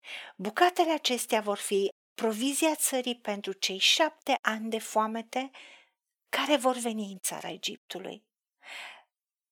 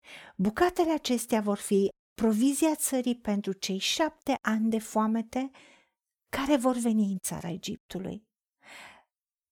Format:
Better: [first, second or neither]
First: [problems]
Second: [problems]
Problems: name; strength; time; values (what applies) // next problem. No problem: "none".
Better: second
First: thin; somewhat; fading below 400 Hz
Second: none